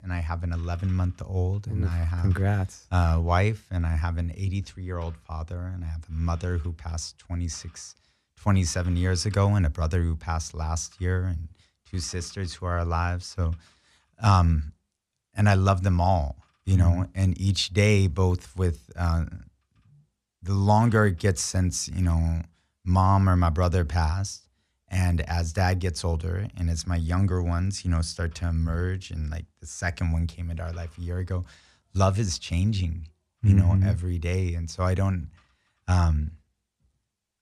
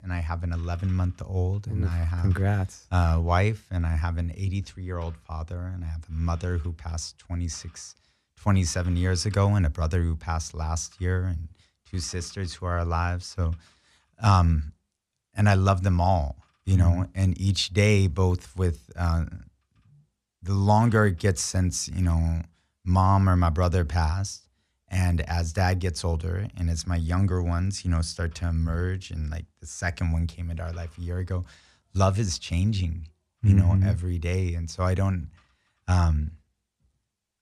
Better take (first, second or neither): neither